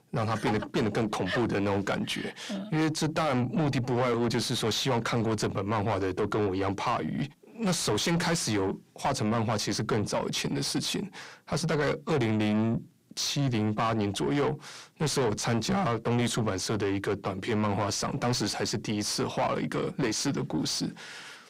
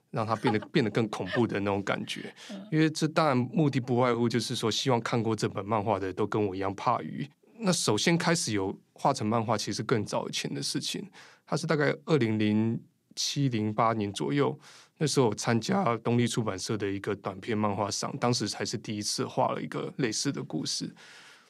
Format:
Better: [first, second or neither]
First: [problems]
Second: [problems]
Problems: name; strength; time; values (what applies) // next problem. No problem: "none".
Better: second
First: distortion; heavy; 6 dB below the speech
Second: none